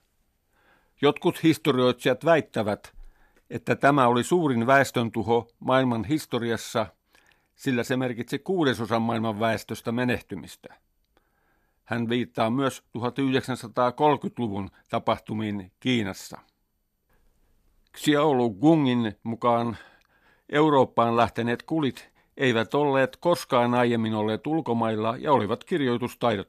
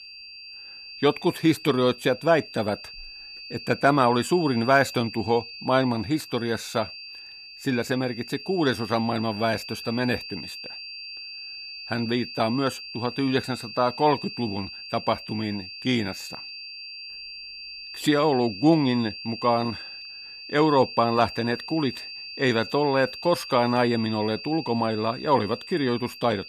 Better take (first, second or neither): first